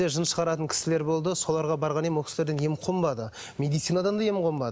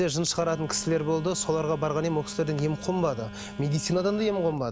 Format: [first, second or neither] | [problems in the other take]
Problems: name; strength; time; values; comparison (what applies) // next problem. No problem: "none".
first | background sound (Telephone); 15 dB below the speech